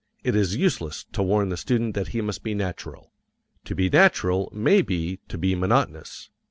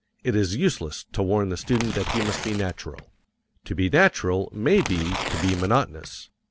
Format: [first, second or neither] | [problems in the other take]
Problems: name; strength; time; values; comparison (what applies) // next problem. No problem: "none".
first | background sound (Tearing); 9 dB below the speech